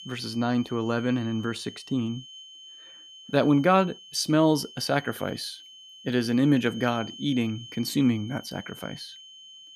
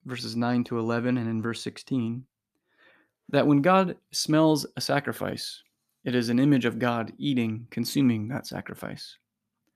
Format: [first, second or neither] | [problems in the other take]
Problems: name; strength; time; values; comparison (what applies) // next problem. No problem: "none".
second | high-pitched whine; noticeable; throughout; 3 kHz, 20 dB below the speech